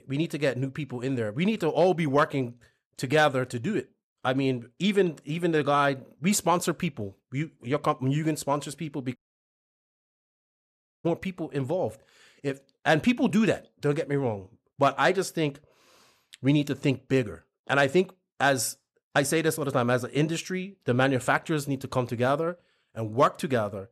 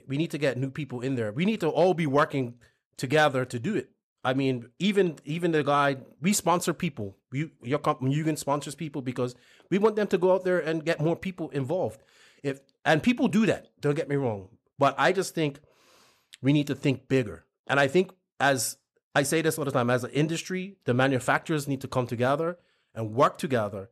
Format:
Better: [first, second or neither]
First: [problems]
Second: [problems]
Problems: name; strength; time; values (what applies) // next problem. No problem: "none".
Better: second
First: audio cutting out; at 9 s for 2 s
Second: none